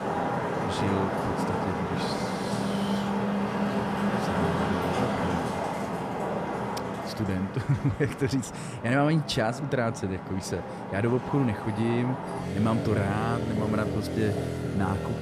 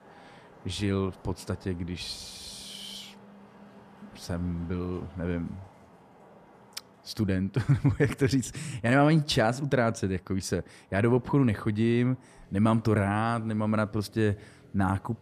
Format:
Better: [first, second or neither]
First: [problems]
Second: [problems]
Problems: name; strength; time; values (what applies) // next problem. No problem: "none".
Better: second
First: traffic noise; loud; throughout; 1 dB below the speech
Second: traffic noise; faint; throughout; 25 dB below the speech